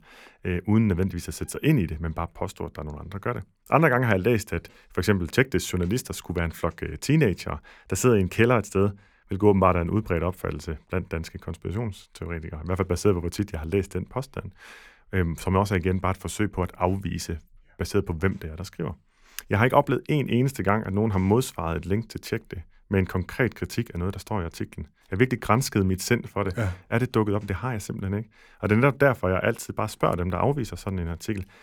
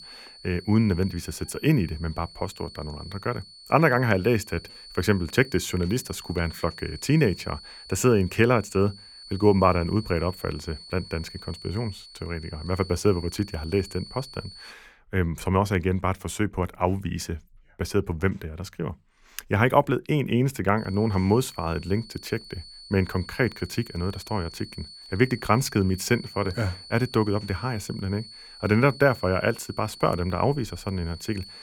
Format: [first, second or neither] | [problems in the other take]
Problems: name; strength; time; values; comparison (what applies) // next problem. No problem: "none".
first | high-pitched whine; noticeable; until 15 s and from 21 s on; 4.5 kHz, 15 dB below the speech